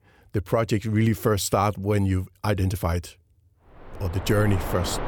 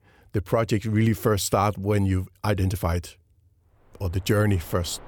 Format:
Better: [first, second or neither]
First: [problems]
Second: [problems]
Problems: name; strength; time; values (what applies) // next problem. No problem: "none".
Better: second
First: train or aircraft noise; loud; from 4 s on; 10 dB below the speech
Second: train or aircraft noise; faint; from 4 s on; 25 dB below the speech